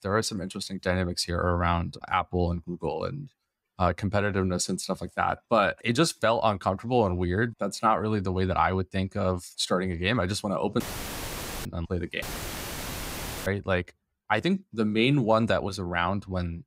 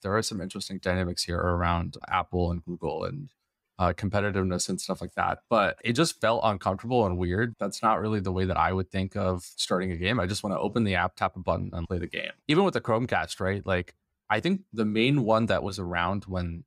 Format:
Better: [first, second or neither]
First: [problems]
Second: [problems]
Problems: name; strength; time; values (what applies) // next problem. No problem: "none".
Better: second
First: audio cutting out; filled with static; at 11 s for 1 s and at 12 s for 1 s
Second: none